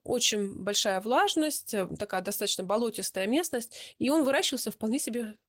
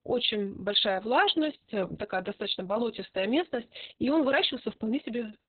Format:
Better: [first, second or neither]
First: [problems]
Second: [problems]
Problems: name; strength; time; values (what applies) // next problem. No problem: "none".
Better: first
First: garbled, watery; slightly; nothing above 16 kHz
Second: garbled, watery; badly; nothing above 4 kHz